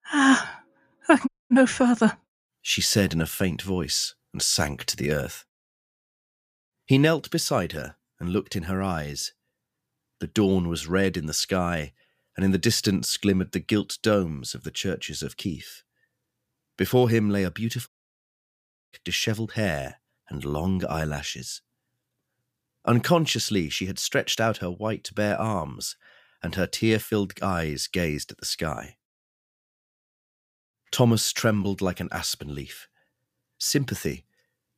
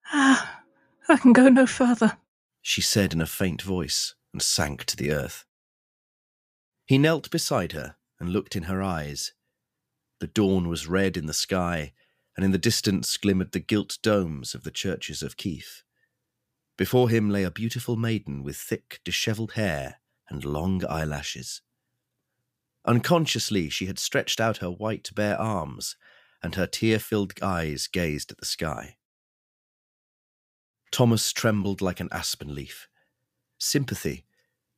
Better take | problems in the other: second | audio cutting out; at 1.5 s and at 18 s for 1 s

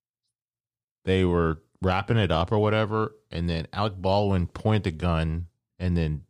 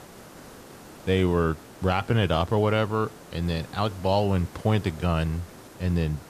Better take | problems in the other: first | hiss; noticeable; throughout; 20 dB below the speech

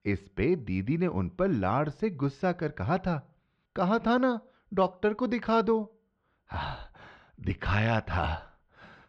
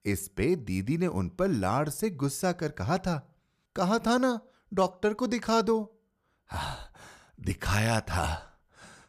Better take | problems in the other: second | muffled; slightly; fading above 3.5 kHz

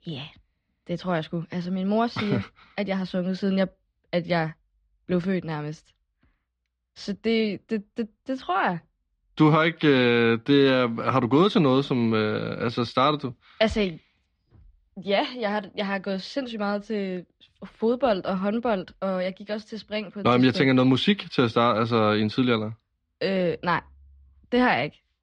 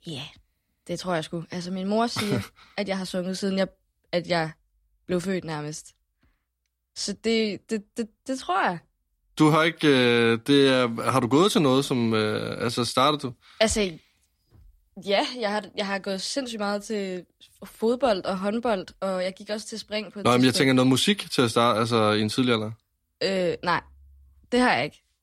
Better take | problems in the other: second | muffled; very slightly; fading above 3.5 kHz

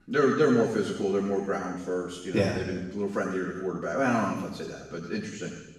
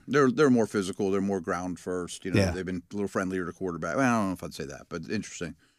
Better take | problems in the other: second | room echo; noticeable; dies away in 1 s // off-mic speech; far

